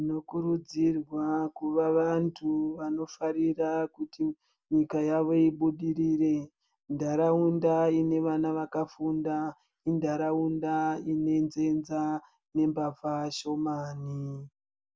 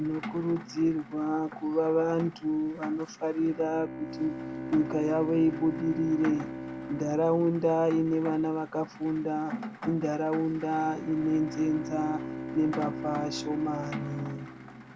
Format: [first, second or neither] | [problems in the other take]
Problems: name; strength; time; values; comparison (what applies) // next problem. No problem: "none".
first | background sound (Bowed string instrument + Rain); 10 dB below the speech